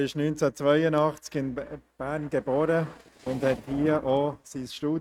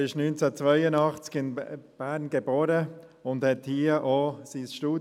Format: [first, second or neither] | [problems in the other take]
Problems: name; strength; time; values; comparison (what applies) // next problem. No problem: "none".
second | noise reduction (neural mask model RNNoise)